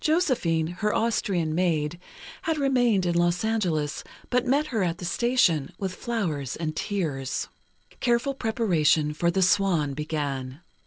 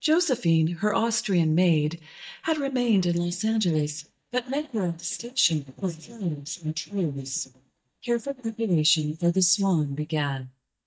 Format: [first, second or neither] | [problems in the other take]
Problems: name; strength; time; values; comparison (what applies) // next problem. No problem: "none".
first | noise reduction (neural mask model DeepFilterNet 3)